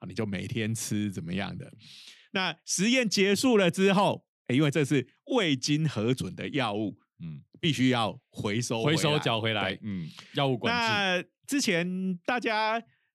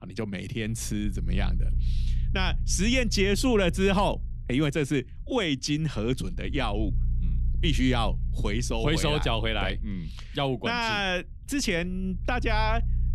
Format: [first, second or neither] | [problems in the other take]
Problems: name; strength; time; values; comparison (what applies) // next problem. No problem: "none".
first | low rumble; faint; throughout; 20 dB below the speech